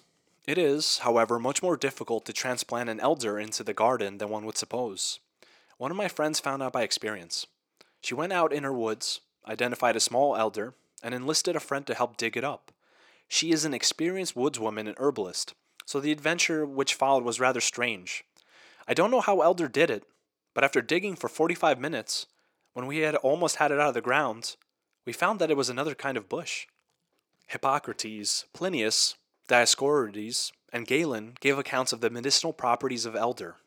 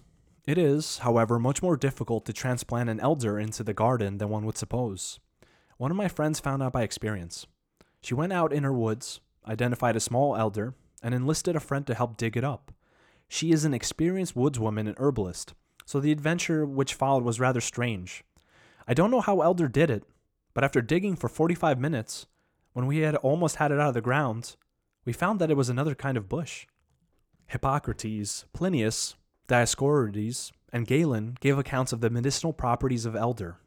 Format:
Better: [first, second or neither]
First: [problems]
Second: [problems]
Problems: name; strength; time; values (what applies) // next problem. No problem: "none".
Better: second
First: thin; somewhat; fading below 350 Hz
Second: none